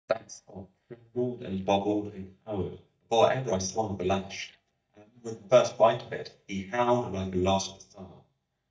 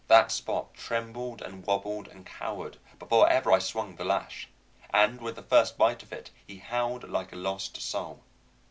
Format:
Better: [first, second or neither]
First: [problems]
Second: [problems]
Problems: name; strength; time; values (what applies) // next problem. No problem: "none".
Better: second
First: noise reduction (neural mask model DeepFilterNet 3)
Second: none